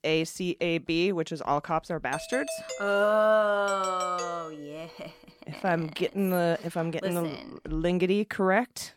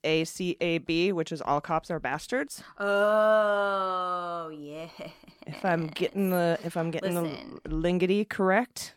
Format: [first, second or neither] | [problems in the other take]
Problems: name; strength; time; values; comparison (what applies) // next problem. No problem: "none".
second | doorbell; noticeable; from 2 to 5 s; peak 9 dB below the speech